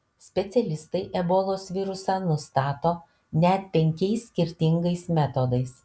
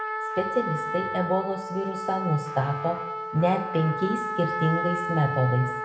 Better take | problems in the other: first | background sound (Trumpet); 4 dB below the speech // room echo; dies away in 0.9 s

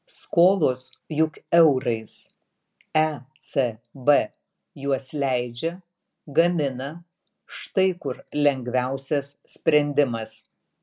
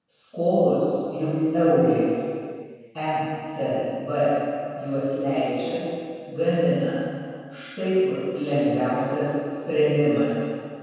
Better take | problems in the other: first | room echo; dies away in 2.1 s

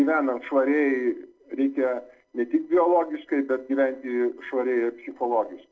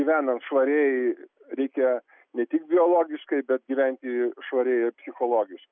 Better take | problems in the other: second | noise reduction (neural separator model SepFormer DNS4)

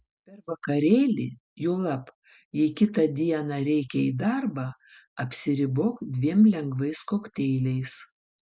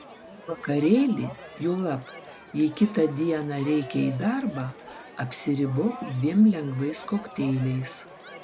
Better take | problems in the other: first | background sound (Crowd); 17 dB below the speech

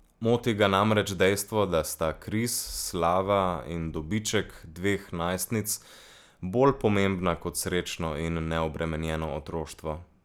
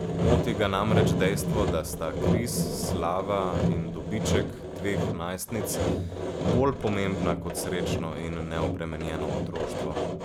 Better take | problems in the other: first | background sound (Sawing); 2 dB above the speech

